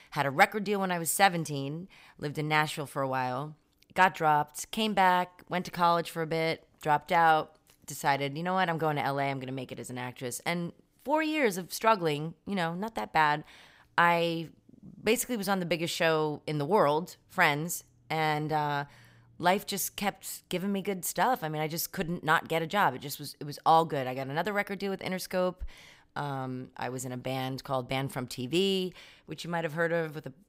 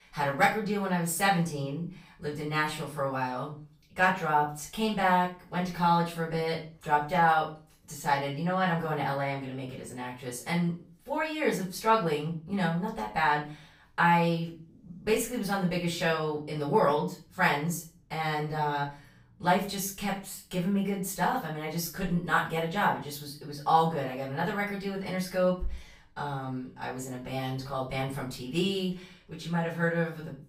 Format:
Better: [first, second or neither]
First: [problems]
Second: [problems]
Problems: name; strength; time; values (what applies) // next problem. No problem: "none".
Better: first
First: none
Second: room echo; slight; dies away in 0.3 s // off-mic speech; far